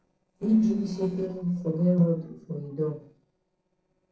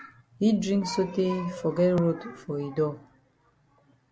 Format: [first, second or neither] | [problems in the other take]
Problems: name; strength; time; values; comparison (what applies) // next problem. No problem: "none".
second | noise reduction (neural separator model SepFormer DNS4)